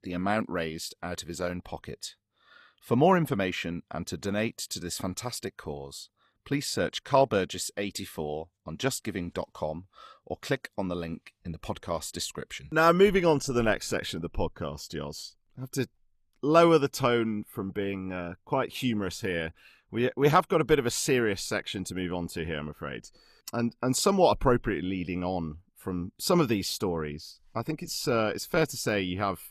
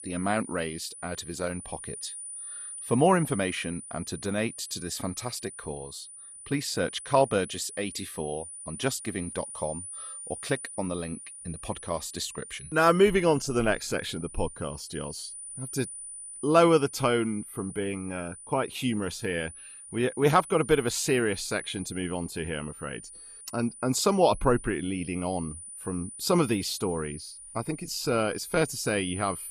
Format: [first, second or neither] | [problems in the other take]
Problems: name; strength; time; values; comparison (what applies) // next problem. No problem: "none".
first | high-pitched whine; noticeable; throughout; 9.5 kHz, 10 dB below the speech